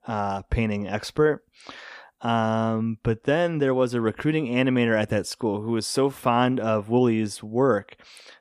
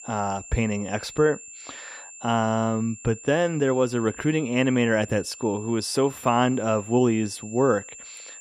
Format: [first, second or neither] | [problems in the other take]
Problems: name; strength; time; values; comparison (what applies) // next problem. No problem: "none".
first | high-pitched whine; noticeable; throughout; 7.5 kHz, 15 dB below the speech